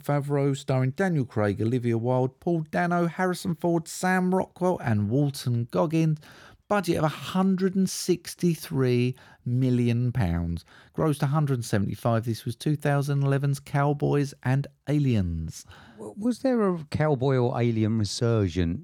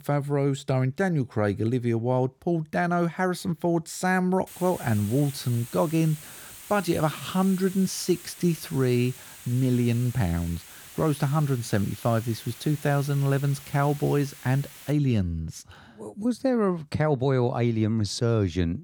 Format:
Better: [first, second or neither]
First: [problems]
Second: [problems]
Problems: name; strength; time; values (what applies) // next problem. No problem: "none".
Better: first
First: none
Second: hiss; noticeable; from 4.5 to 15 s; 15 dB below the speech